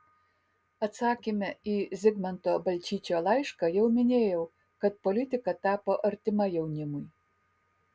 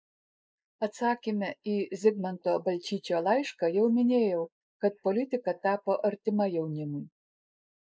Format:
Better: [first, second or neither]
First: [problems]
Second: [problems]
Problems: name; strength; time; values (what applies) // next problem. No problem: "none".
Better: first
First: none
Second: noise reduction (neural mask model Resemble Enhance denoiser)